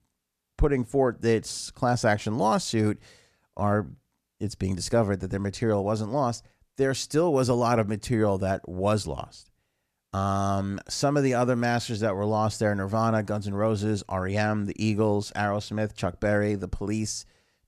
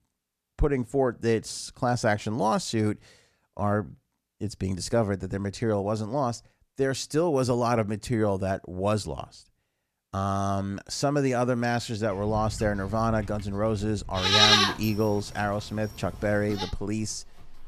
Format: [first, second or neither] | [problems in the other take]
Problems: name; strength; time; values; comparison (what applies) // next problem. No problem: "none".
first | animal sounds; very loud; from 12 s on; 4 dB above the speech